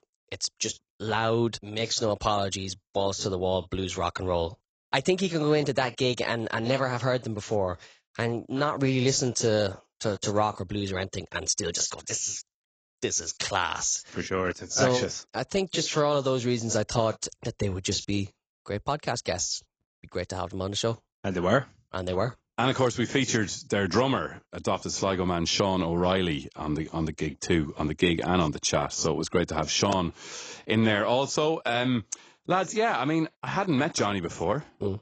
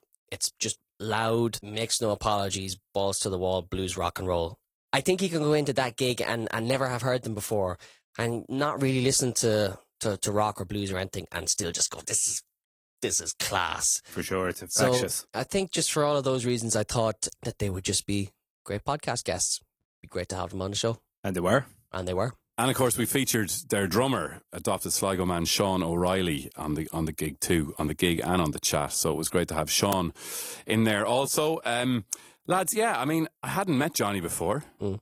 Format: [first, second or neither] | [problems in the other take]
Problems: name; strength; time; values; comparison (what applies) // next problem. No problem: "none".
second | garbled, watery; badly; nothing above 7.5 kHz; slightly in the second